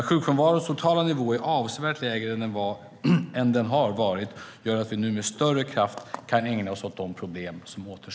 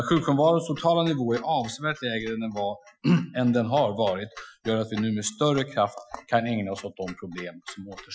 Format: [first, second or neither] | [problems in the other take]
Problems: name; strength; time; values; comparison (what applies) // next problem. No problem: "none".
first | noise reduction (classical method Wiener filter)